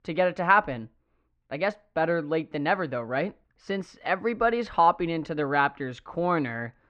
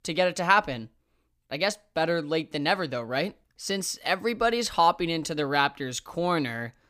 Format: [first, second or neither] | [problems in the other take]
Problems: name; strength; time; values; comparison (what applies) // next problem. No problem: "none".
second | muffled; very; fading above 1.5 kHz